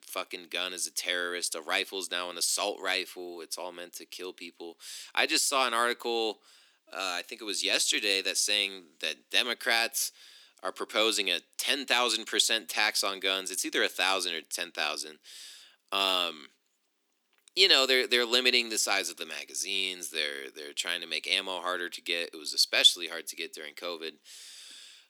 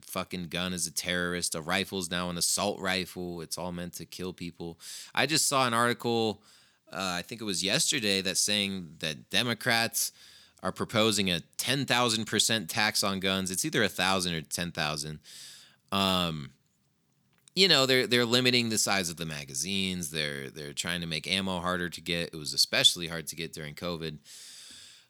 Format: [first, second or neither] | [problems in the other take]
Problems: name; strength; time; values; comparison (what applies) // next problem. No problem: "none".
second | thin; somewhat; fading below 300 Hz